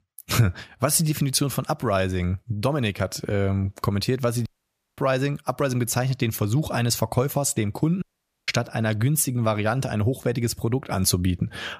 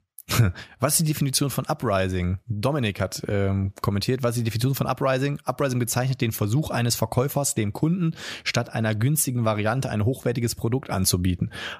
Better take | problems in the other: second | audio cutting out; at 4.5 s for 0.5 s and at 8 s

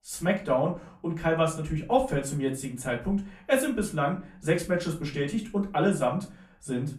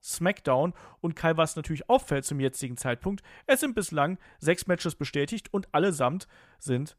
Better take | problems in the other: second | off-mic speech; far // room echo; slight; dies away in 0.3 s

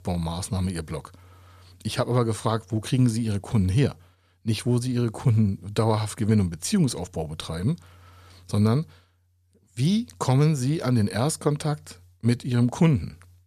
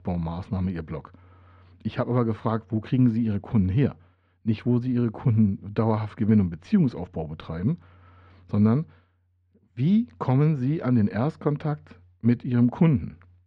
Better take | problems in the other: first | muffled; very; fading above 2.5 kHz

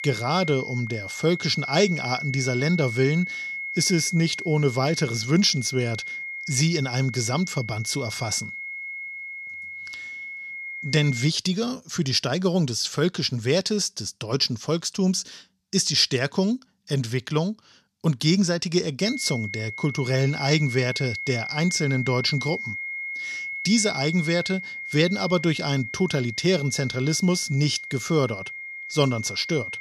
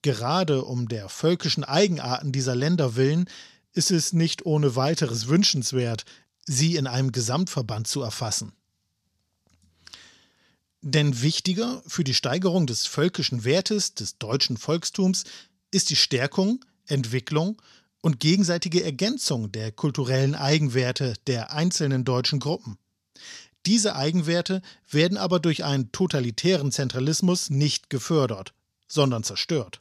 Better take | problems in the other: second | high-pitched whine; loud; until 11 s and from 19 s on; 2 kHz, 8 dB below the speech

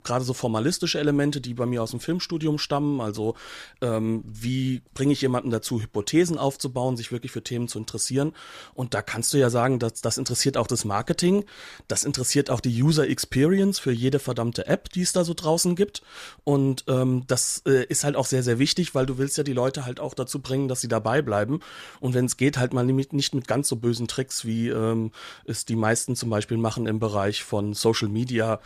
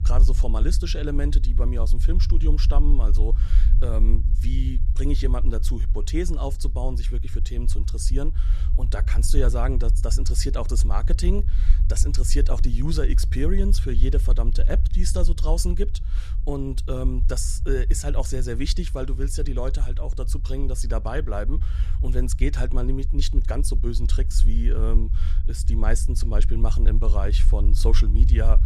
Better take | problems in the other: first | low rumble; noticeable; throughout; 10 dB below the speech

